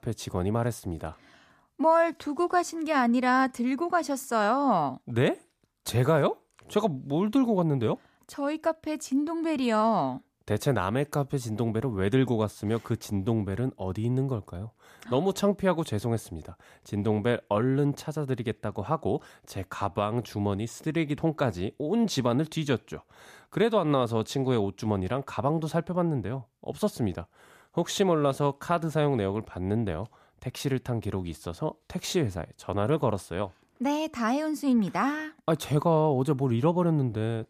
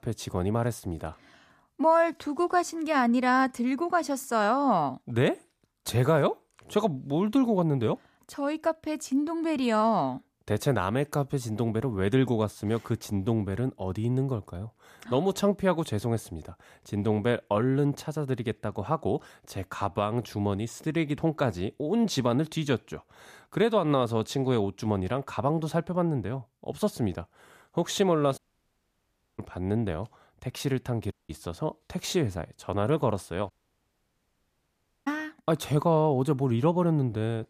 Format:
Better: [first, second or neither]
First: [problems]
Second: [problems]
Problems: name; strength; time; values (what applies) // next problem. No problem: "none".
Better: first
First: none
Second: audio cutting out; at 28 s for 1 s, at 31 s and at 34 s for 1.5 s